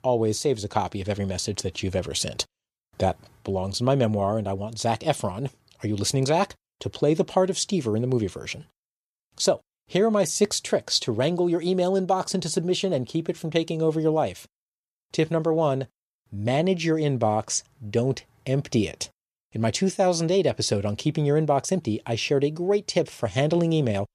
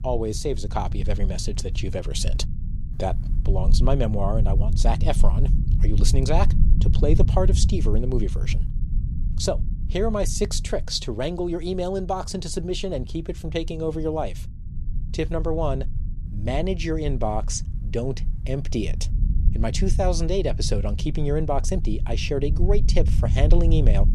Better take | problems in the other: first | low rumble; noticeable; throughout; 15 dB below the speech

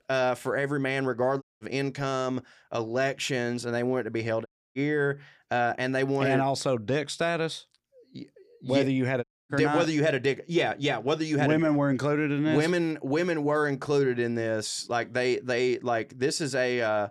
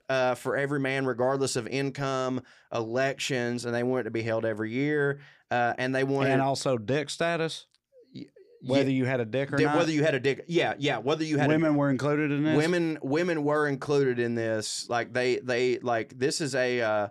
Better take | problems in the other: second | audio cutting out; at 1.5 s, at 4.5 s and at 9 s

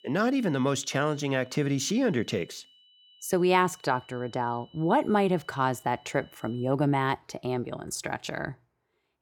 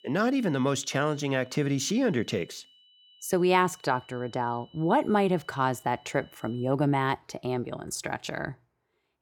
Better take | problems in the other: neither | high-pitched whine; faint; until 6.5 s; 3 kHz, 30 dB below the speech; the same in both

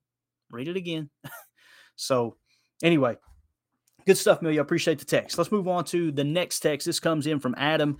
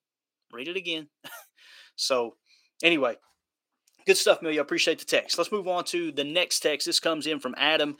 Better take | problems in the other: first | thin; somewhat; fading below 400 Hz

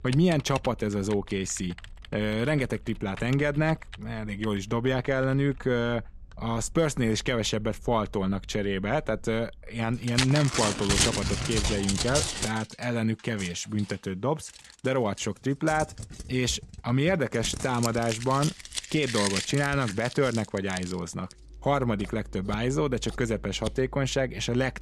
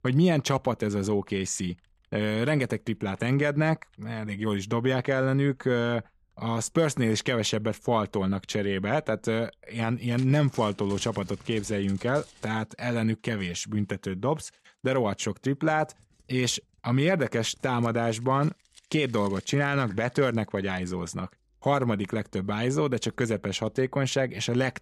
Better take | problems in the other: second | household noises; loud; throughout; 5 dB below the speech; faint in the second

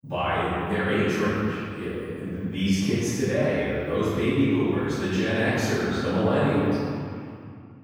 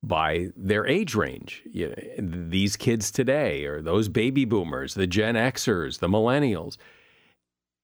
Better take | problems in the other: second | off-mic speech; far // room echo; strong; dies away in 2.3 s

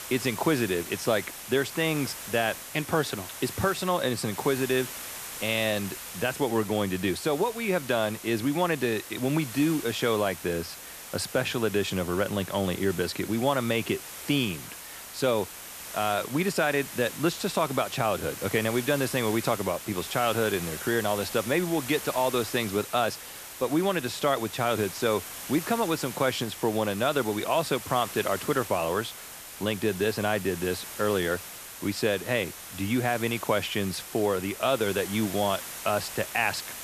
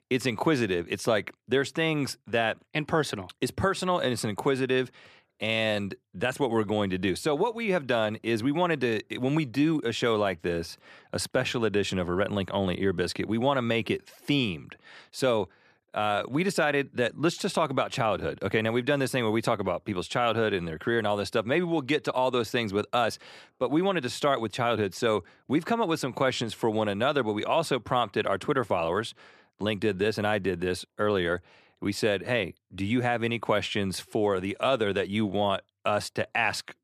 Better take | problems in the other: second | hiss; loud; throughout; 10 dB below the speech

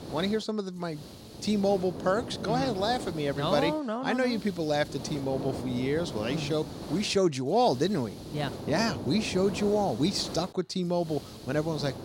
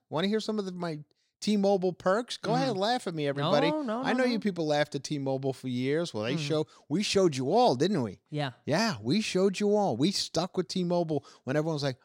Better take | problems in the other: second | hiss; noticeable; throughout; 10 dB below the speech

